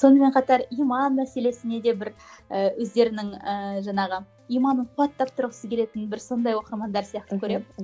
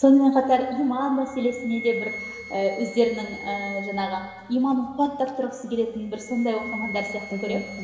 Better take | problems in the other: first | background sound (Wind instrument, woodwind instrument); 15 dB below the speech // room echo; dies away in 2.9 s

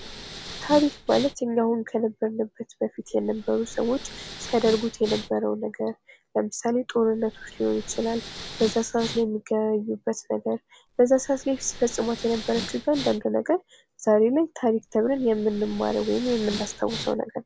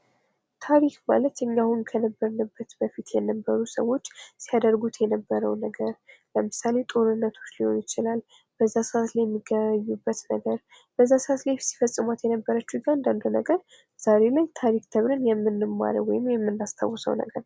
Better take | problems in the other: second | background sound (Respiratory sounds); 15 dB below the speech

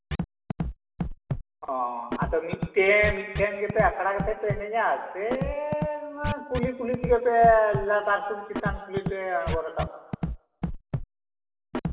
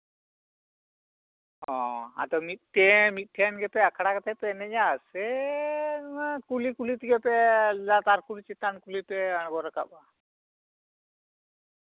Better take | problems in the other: second | background sound (Scratching (performance technique)); 7 dB below the speech // room echo; dies away in 1.2 s

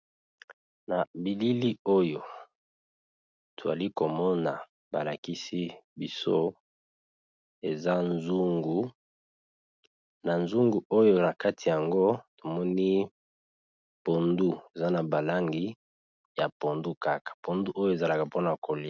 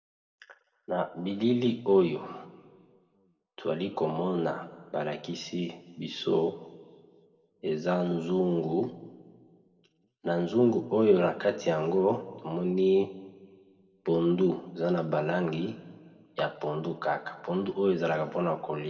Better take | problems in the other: first | room echo; dies away in 1.2 s

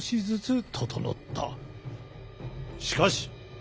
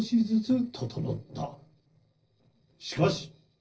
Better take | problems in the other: first | noise reduction (neural separator model SepFormer DNS4)

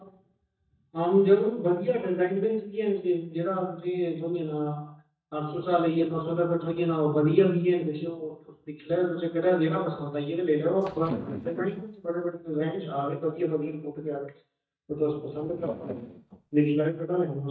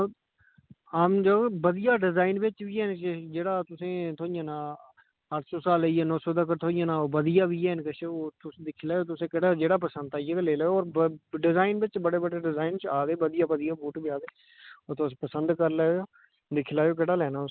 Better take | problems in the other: second | noise reduction (neural mask model DeepFilterNet 3)

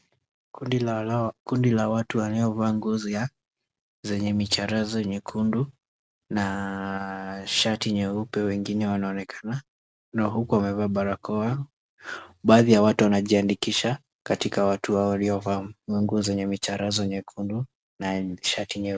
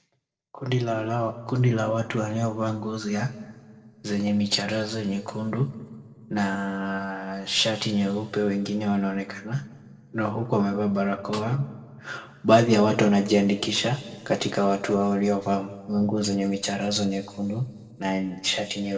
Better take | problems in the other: first | noise reduction (neural separator model SepFormer DNS4)

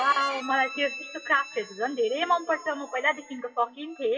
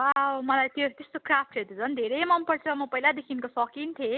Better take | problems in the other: second | noise reduction (classical method WPE with log-MMSE)

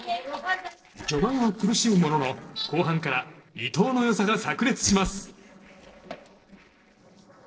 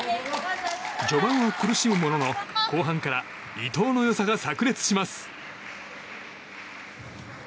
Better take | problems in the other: second | noise reduction (neural separator model SepFormer DNS4)

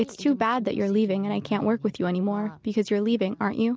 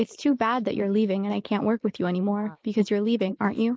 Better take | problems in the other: first | noise reduction (neural mask model Resemble Enhance denoiser)

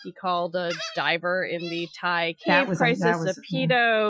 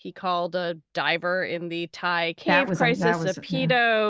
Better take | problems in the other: second | noise reduction (classical method Wiener filter)

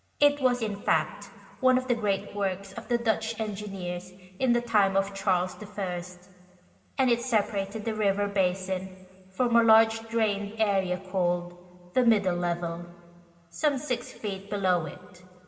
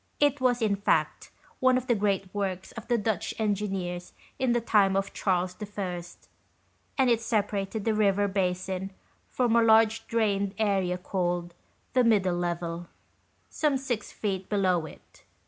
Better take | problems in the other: second | room echo; dies away in 1.8 s

